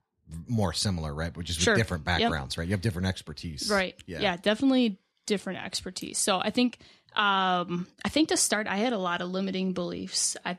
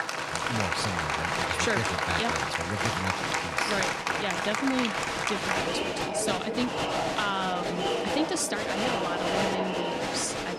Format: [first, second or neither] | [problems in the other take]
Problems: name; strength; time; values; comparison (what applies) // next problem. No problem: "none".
first | crowd noise; very loud; throughout; 4 dB above the speech